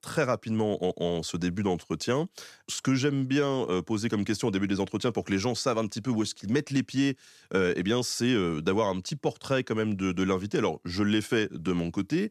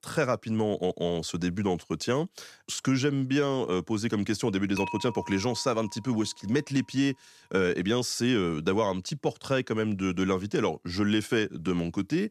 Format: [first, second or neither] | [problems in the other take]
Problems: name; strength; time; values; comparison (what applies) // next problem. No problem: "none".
first | clattering dishes; noticeable; from 5 to 6 s; peak 7 dB below the speech